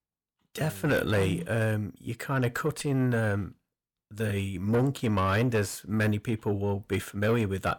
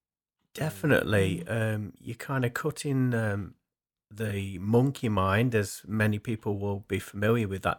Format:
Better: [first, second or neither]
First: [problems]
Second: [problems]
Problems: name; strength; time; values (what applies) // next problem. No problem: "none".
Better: second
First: distortion; slight; 10 dB below the speech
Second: none